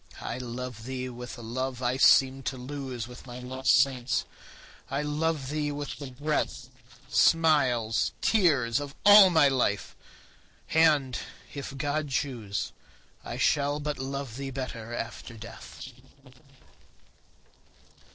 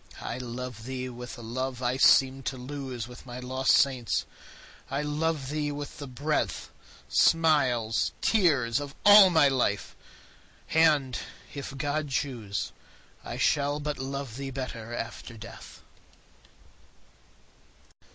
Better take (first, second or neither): second